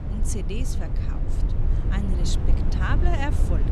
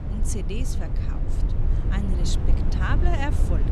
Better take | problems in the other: neither | low rumble; loud; throughout; 5 dB below the speech; the same in both

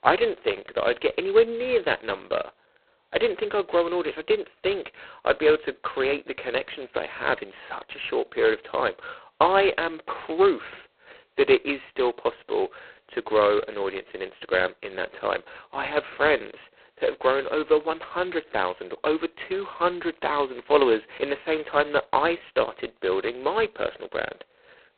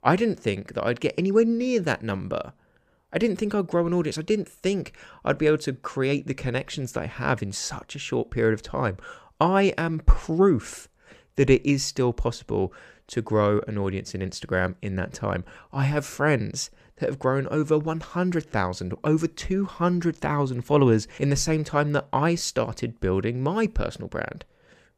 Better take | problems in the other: second | phone-call audio; poor line; nothing above 4 kHz

